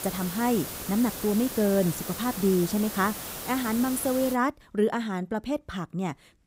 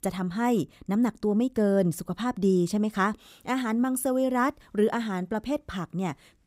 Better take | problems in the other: second | hiss; loud; until 4.5 s; 7 dB below the speech

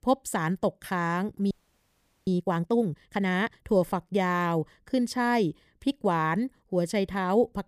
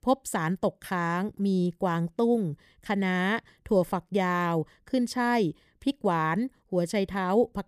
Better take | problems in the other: second | audio freezing; at 1.5 s for 1 s

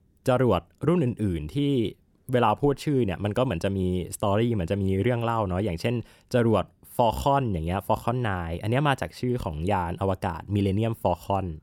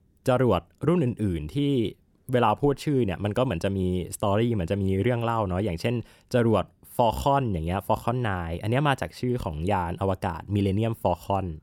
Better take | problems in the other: neither | none

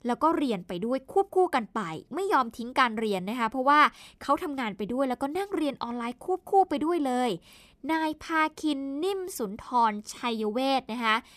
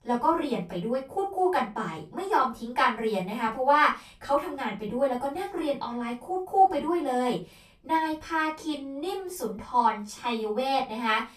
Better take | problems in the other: first | off-mic speech; far // room echo; slight; dies away in 0.2 s

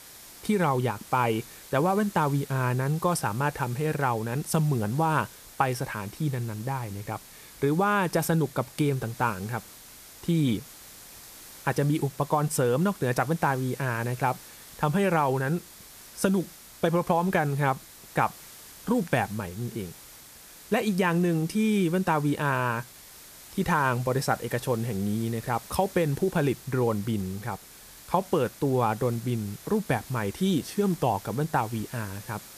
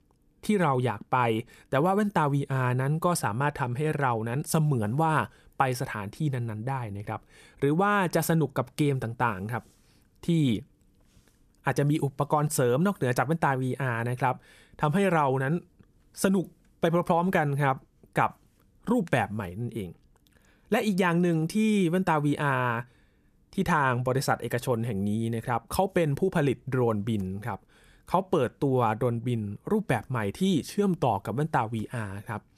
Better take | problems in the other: second | hiss; noticeable; throughout; 20 dB below the speech

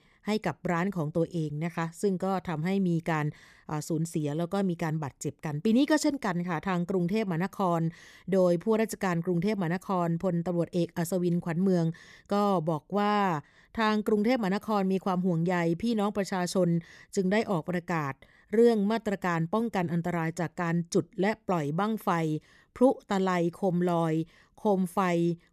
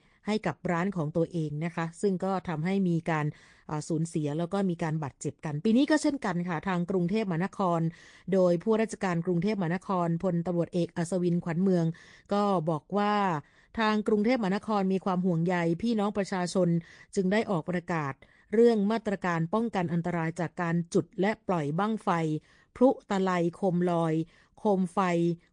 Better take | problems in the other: first | garbled, watery; slightly; nothing above 8.5 kHz

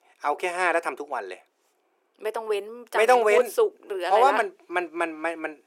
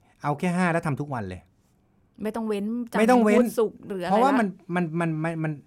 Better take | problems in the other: second | thin; very; fading below 350 Hz

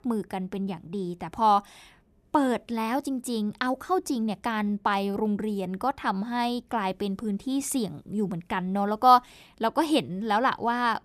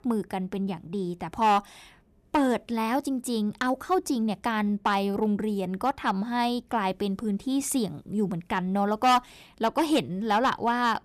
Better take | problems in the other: first | distortion; slight; 2% of the sound clipped

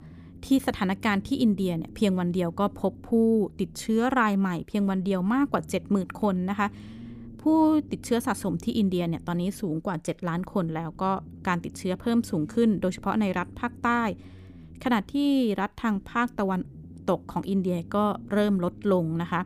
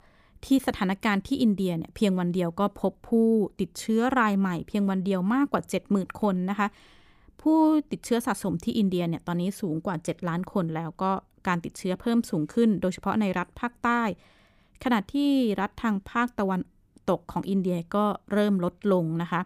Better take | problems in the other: second | low rumble; faint; throughout; 25 dB below the speech

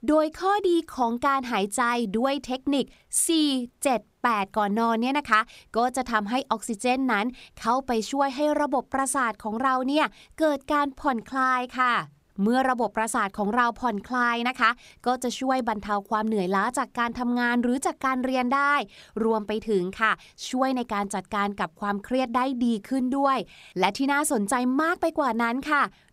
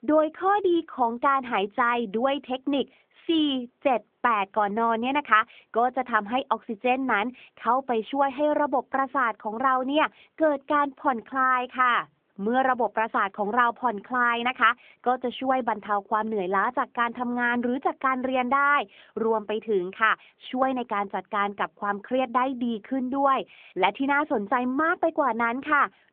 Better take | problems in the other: first | phone-call audio; nothing above 3.5 kHz

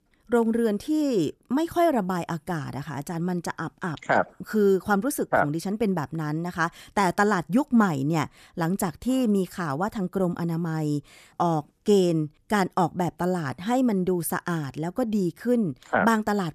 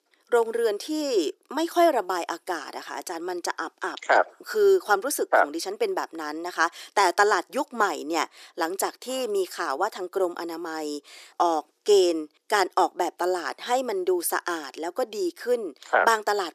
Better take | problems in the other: first | thin; very; fading below 350 Hz

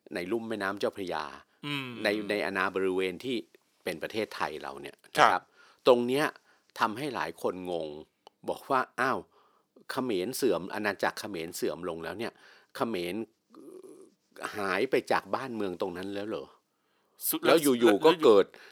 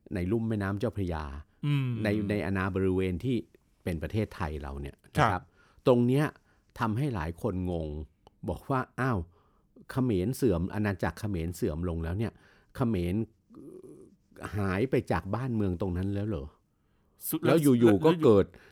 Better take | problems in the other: second | thin; somewhat; fading below 450 Hz

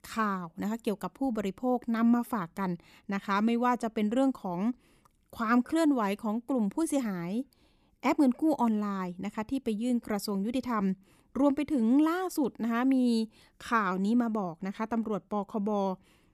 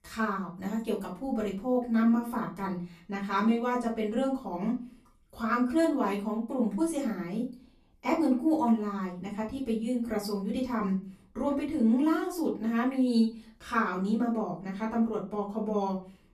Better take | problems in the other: first | room echo; slight; dies away in 0.3 s // off-mic speech; far

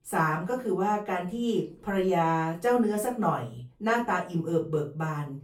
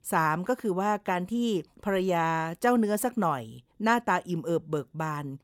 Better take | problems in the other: second | off-mic speech; far // room echo; slight; dies away in 0.3 s

